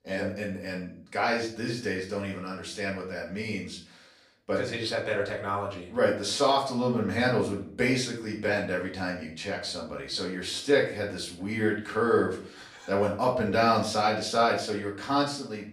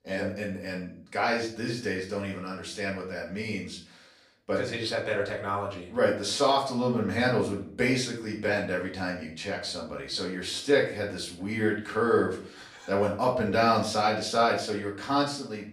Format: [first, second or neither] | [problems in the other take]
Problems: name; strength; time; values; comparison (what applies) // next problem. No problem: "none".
neither | off-mic speech; far; the same in both // room echo; slight; dies away in 0.4 s; the same in both